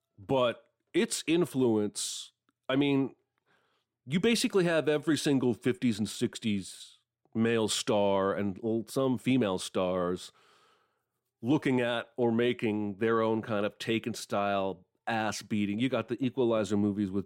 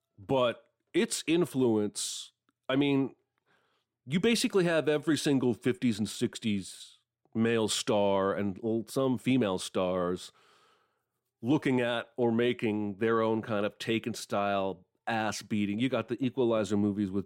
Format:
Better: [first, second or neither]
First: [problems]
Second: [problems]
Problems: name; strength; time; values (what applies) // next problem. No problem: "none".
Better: neither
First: none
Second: none